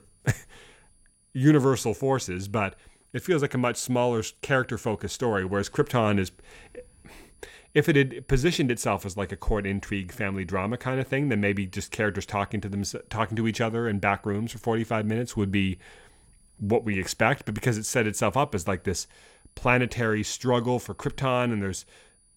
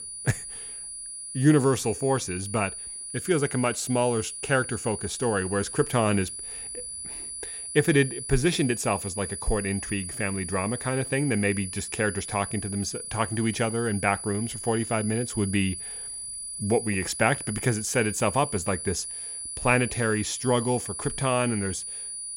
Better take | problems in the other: first | high-pitched whine; loud; throughout; 10 kHz, 7 dB below the speech; faint in the first

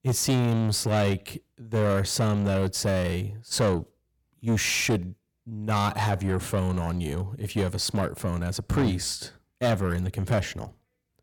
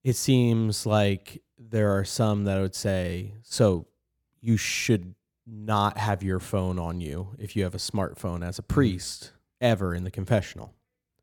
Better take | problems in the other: second | distortion; heavy; 8 dB below the speech

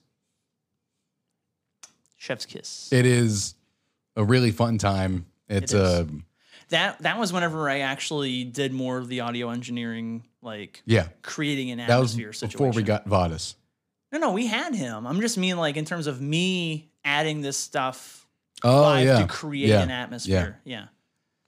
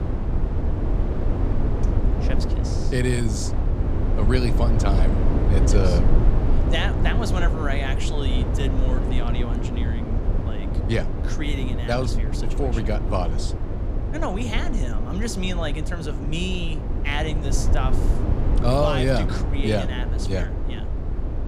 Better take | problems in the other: first | low rumble; loud; throughout; 5 dB below the speech

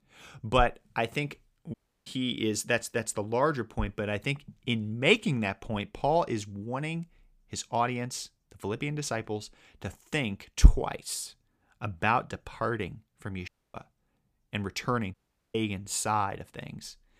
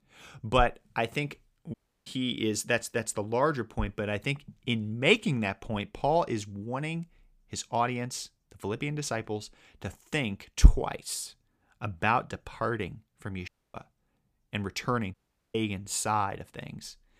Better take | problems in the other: neither | audio cutting out; at 1.5 s, at 13 s and at 15 s; the same in both

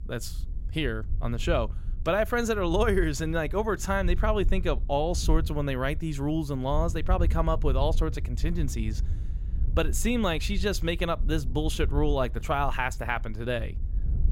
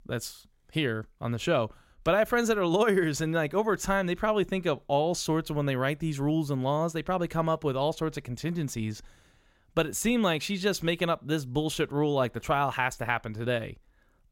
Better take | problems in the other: second | wind noise on the microphone; occasional gusts; 20 dB below the speech

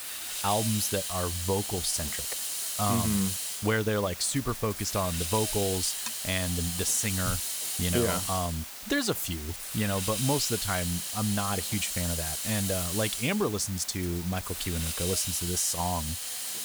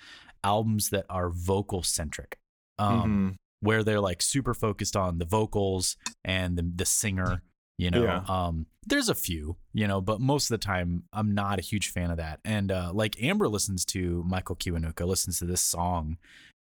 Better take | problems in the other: second | hiss; loud; throughout; 2 dB below the speech

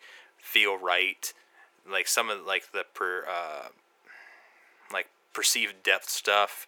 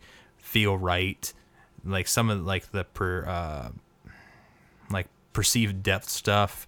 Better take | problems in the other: second | thin; very; fading below 400 Hz

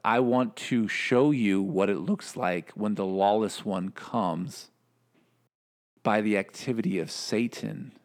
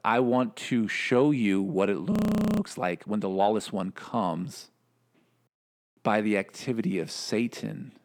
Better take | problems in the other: first | audio freezing; at 2 s

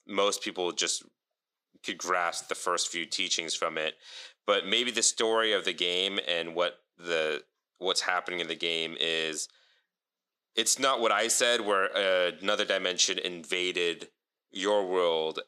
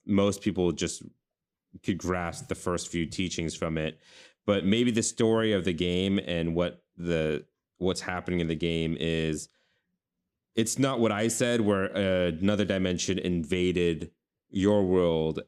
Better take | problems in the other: second | thin; very; fading below 700 Hz

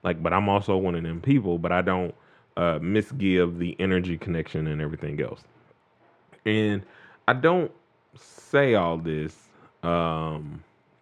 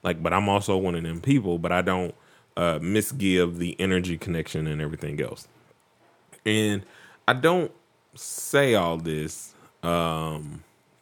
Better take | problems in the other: second | muffled; very; fading above 2.5 kHz

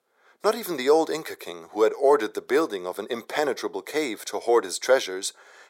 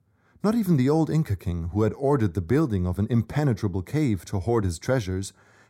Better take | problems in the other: second | thin; very; fading below 450 Hz

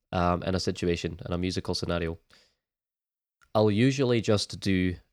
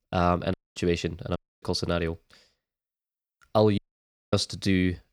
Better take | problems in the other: first | audio cutting out; at 0.5 s, at 1.5 s and at 4 s for 0.5 s

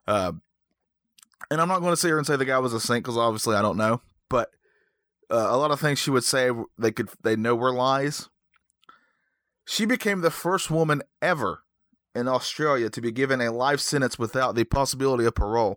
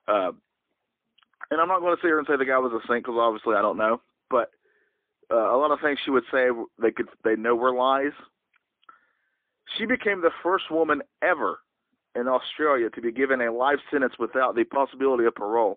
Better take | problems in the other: first | phone-call audio; poor line; nothing above 3.5 kHz

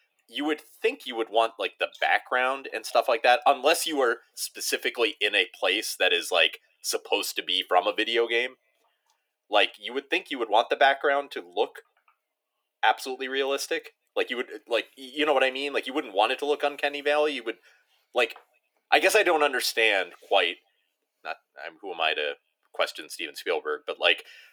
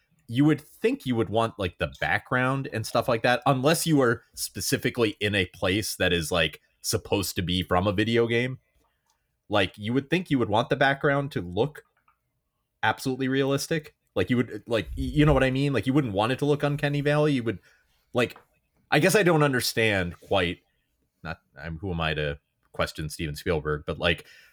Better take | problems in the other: second | thin; very; fading below 350 Hz

